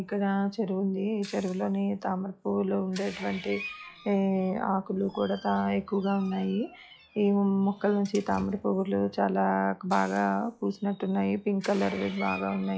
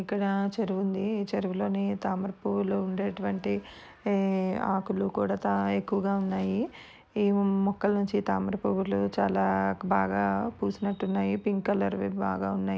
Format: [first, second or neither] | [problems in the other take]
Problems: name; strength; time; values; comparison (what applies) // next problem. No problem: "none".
second | noise reduction (classical method log-MMSE)